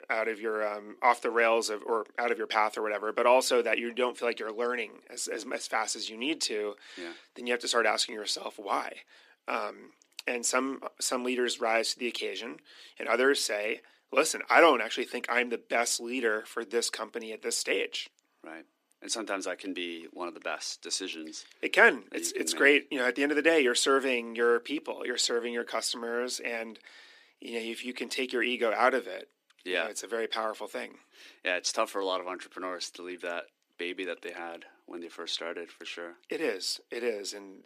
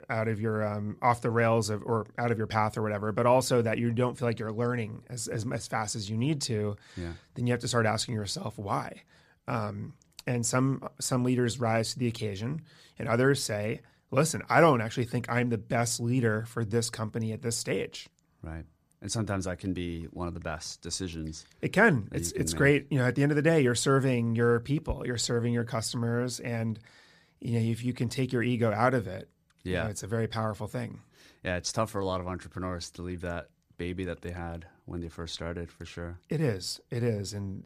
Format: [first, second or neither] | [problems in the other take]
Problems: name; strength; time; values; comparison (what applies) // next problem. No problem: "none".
second | thin; somewhat; fading below 300 Hz